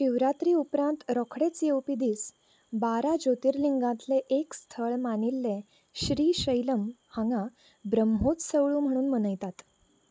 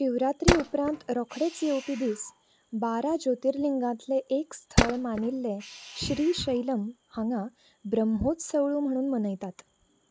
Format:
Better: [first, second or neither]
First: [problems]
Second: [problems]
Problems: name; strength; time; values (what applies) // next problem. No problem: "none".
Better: first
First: none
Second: background sound (Tools); 2 dB below the speech